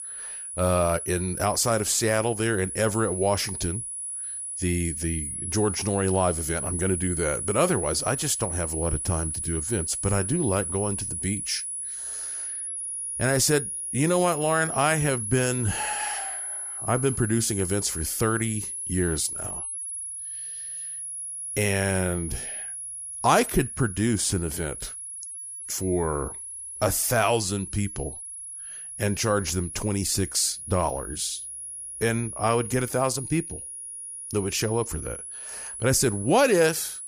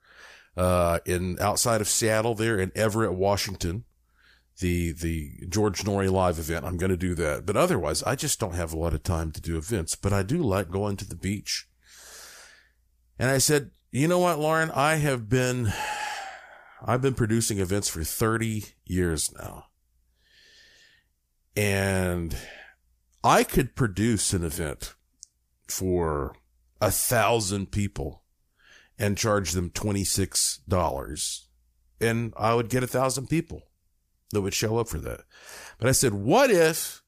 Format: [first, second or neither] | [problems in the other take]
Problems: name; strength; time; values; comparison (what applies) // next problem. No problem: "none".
second | high-pitched whine; loud; throughout; 10 kHz, 6 dB below the speech